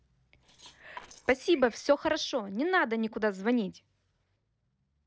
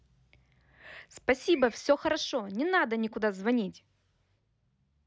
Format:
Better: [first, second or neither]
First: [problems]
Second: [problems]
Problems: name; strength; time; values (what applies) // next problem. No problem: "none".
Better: second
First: noise reduction (neural separator model SepFormer DNS4)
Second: none